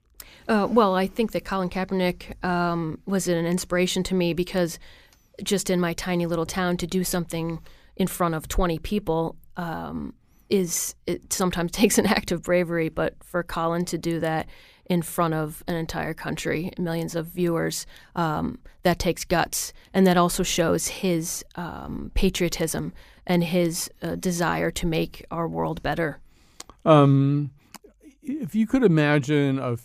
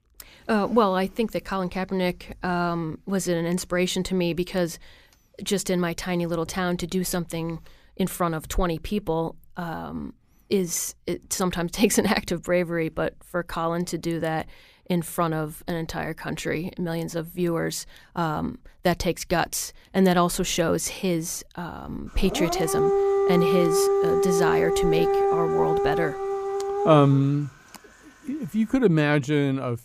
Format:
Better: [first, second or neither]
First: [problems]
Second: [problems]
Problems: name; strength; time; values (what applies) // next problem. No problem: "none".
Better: first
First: none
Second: dog barking; loud; from 22 to 27 s; peak 4 dB above the speech